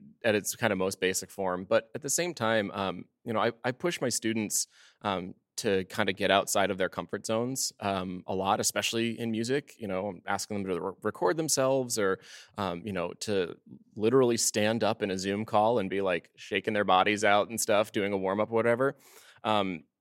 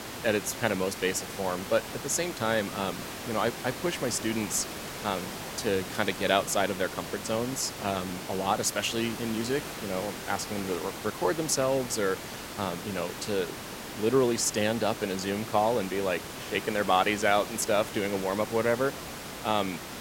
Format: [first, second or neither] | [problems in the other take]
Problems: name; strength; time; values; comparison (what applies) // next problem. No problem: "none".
first | hiss; loud; throughout; 8 dB below the speech